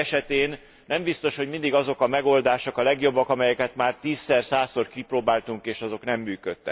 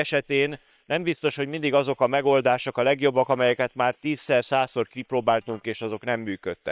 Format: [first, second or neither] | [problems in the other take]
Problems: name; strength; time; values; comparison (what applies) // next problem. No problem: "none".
first | noise reduction (neural separator model SepFormer WHAM!)